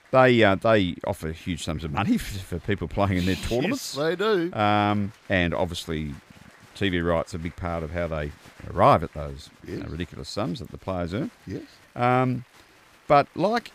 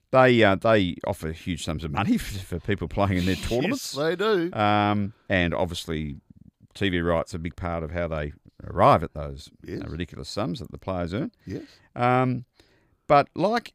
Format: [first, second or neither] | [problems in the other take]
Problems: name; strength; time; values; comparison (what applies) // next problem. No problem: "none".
second | crowd noise; faint; throughout; 30 dB below the speech